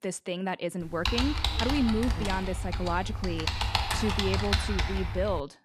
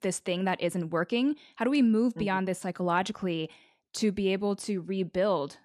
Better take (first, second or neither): second